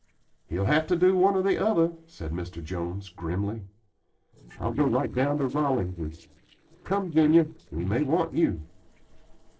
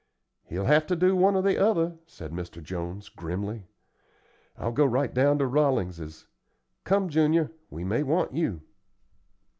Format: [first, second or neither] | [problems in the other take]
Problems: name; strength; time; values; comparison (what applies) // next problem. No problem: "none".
second | noise reduction (neural separator model SepFormer DNS4)